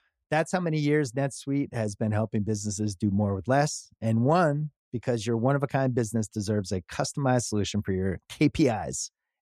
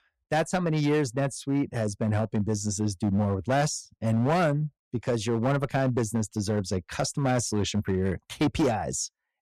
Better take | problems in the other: first | distortion; slight; 8% of the sound clipped

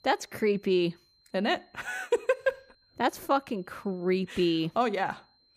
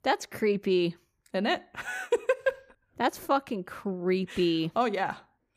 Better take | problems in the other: second | high-pitched whine; faint; throughout; 4 kHz, 35 dB below the speech

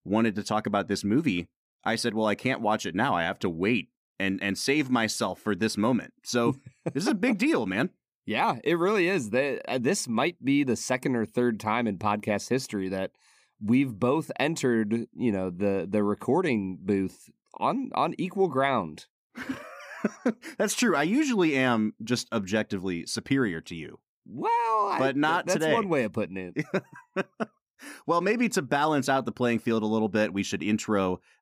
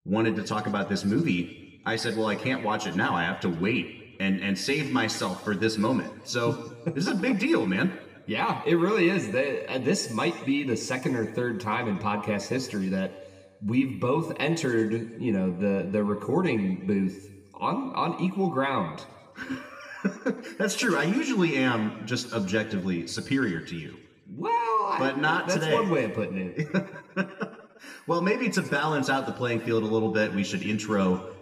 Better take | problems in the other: first | room echo; noticeable; dies away in 1.2 s // off-mic speech; somewhat distant

